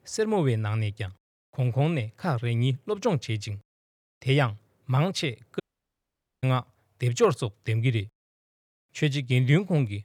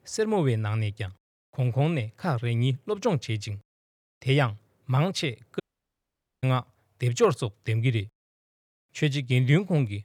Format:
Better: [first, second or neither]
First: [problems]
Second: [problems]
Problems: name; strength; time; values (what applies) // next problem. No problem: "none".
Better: neither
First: audio cutting out; at 5.5 s for 1 s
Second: audio cutting out; at 5.5 s for 1 s